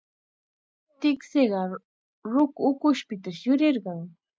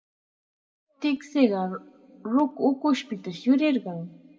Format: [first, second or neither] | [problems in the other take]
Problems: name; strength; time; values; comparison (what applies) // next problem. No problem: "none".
first | room echo; dies away in 1.3 s